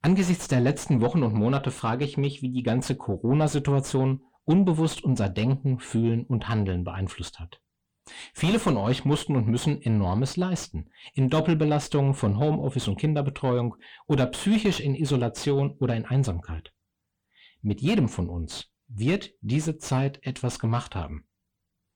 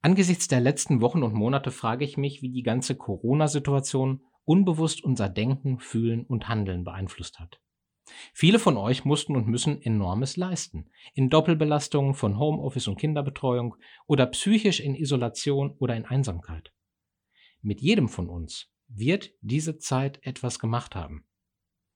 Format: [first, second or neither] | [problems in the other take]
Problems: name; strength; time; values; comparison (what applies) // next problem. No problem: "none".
second | distortion; slight; 9 dB below the speech